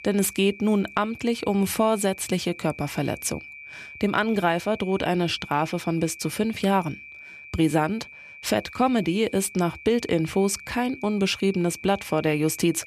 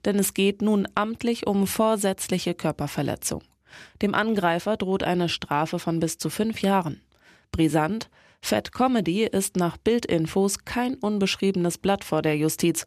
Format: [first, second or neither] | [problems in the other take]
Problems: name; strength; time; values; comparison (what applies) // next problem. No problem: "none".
second | high-pitched whine; noticeable; throughout; 2.5 kHz, 15 dB below the speech